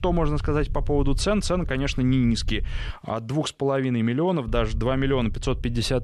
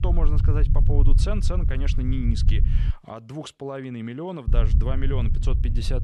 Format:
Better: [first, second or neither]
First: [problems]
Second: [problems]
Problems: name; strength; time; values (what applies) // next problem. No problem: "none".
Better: first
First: low rumble; faint; until 3 s and from 4.5 s on; 25 dB below the speech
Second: low rumble; loud; until 3 s and from 4.5 s on; 6 dB below the speech